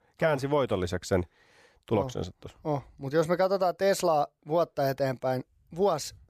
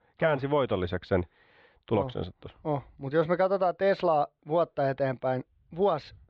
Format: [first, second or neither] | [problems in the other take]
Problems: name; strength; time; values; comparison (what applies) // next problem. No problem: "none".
first | muffled; slightly; fading above 3.5 kHz